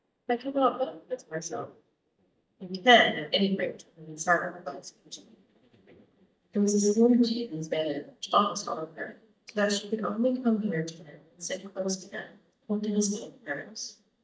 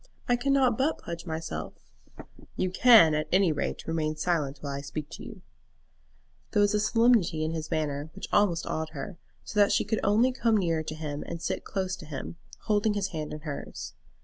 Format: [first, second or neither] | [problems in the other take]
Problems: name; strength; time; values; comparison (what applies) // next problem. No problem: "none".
second | noise reduction (neural mask model DeepFilterNet 3)